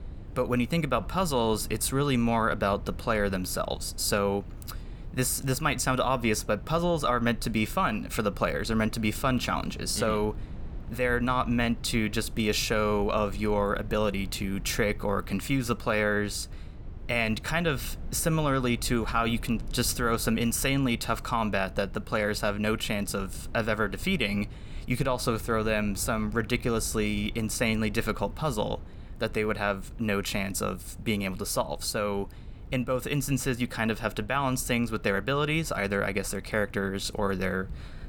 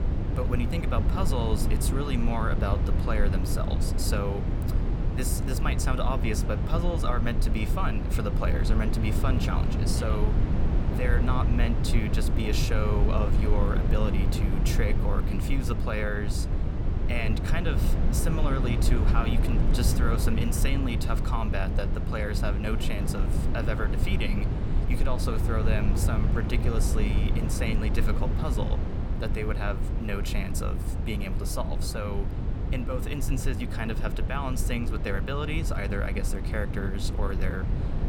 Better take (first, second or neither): first